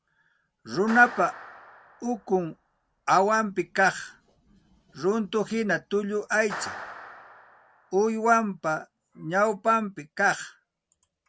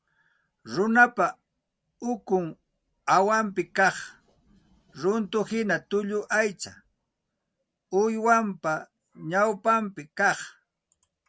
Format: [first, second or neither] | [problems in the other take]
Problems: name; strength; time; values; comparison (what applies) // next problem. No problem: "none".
second | background sound (Clapping); 16 dB below the speech